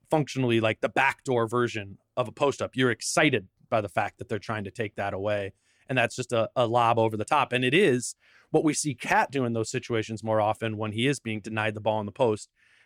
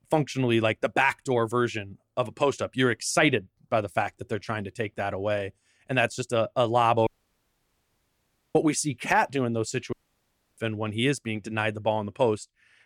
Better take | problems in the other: first | audio cutting out; at 7 s for 1.5 s and at 10 s for 0.5 s

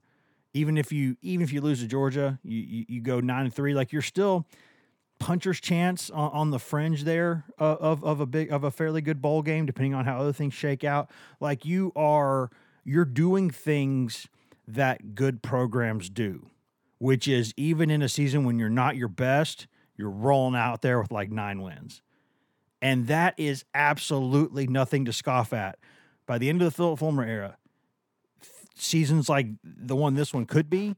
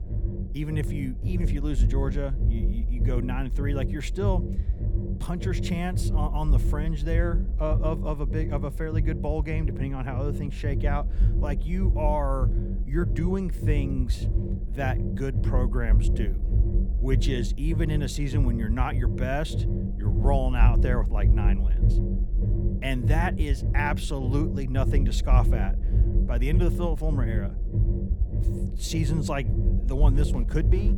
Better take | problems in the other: first | low rumble; loud; throughout; 8 dB below the speech

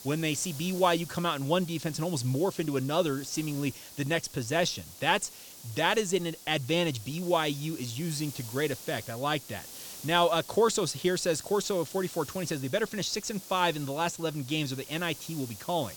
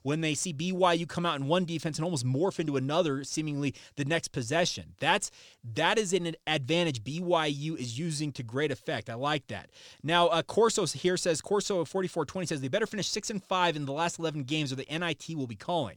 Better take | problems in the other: second | hiss; noticeable; throughout; 15 dB below the speech

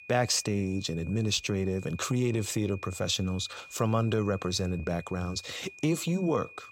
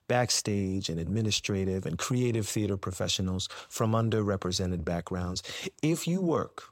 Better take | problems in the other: second | high-pitched whine; noticeable; throughout; 2.5 kHz, 20 dB below the speech

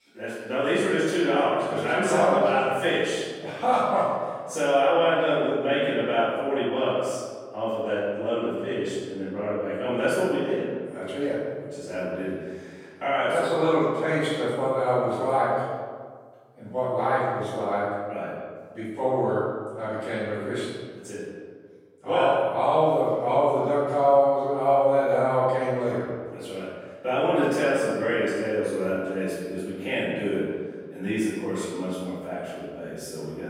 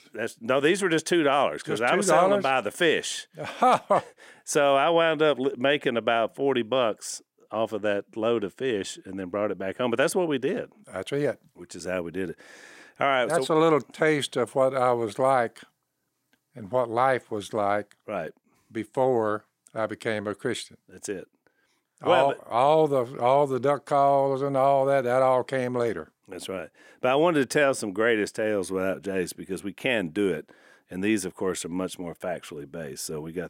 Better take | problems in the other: second | off-mic speech; far // room echo; strong; dies away in 1.6 s

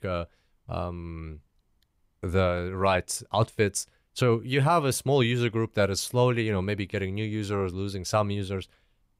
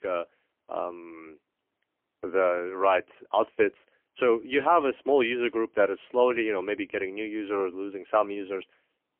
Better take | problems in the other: first | phone-call audio; poor line; nothing above 3 kHz

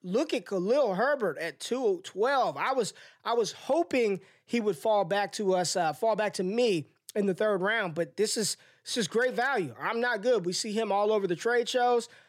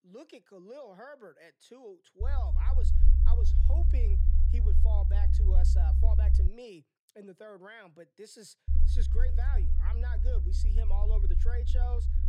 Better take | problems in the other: first | low rumble; loud; from 2 to 6.5 s and from 8.5 s on; 1 dB below the speech

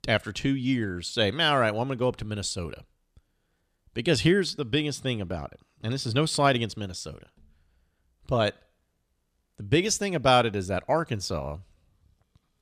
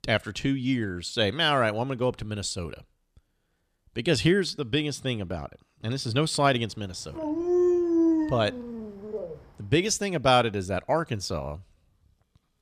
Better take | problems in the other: first | dog barking; loud; from 7 to 9.5 s; peak 4 dB above the speech

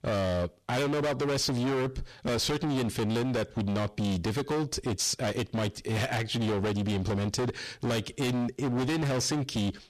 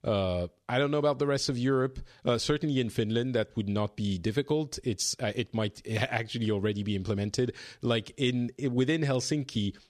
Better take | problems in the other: second | distortion; heavy; 35% of the sound clipped

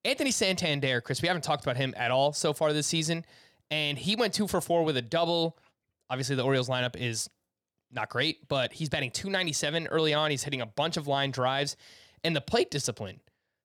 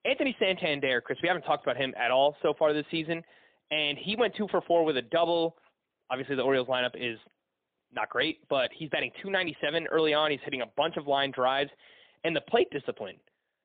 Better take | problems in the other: first | phone-call audio; poor line; nothing above 3.5 kHz

